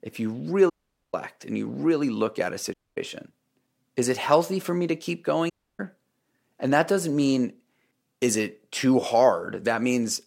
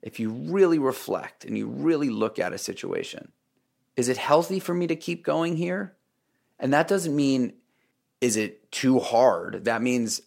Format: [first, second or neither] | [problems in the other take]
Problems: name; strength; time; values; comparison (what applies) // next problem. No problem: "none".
second | audio cutting out; at 0.5 s, at 2.5 s and at 5.5 s